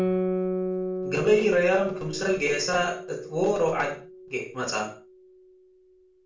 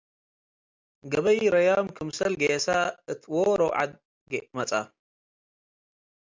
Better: second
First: background sound (Guitar); 5 dB below the speech // room echo; dies away in 0.4 s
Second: none

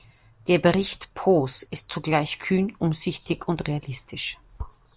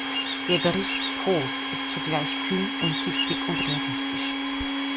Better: first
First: none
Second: background sound (Bird vocalization, bird call, bird song + Domestic sounds, home sounds); 2 dB above the speech

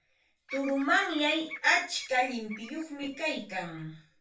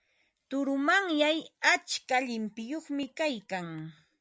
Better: second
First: background sound (Bird vocalization, bird call, bird song); 17 dB below the speech // room echo; dies away in 0.3 s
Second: none

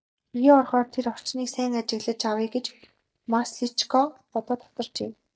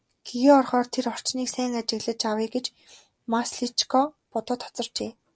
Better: second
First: noise reduction (neural mask model DeepFilterNet 3)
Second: none

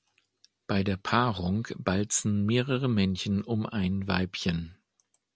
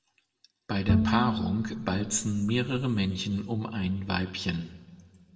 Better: first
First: none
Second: background sound (Bowed string instrument); as loud as the speech // room echo; dies away in 1.3 s

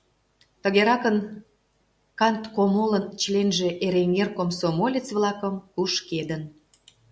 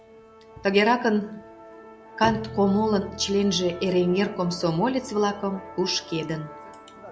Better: first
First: none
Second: background sound (Musical instrument + Bowed string instrument); 15 dB below the speech

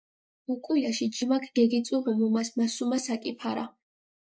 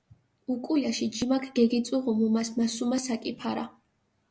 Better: second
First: noise reduction (neural mask model Resemble Enhance denoiser)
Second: none

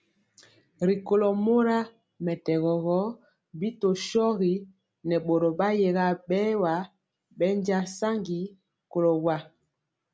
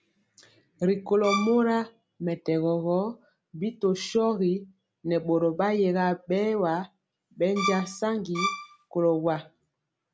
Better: first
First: none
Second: background sound (Bowed string instrument); 5 dB below the speech

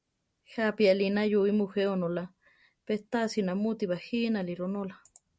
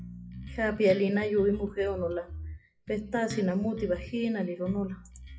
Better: first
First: none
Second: noise reduction (classical method WPE with log-MMSE)

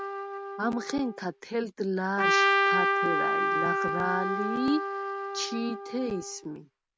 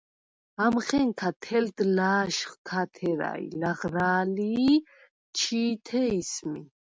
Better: second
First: background sound (Trumpet); 3 dB above the speech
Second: none

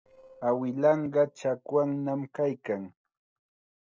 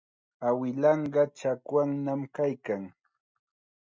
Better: second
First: noise reduction (neural separator model SepFormer DNS4)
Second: none

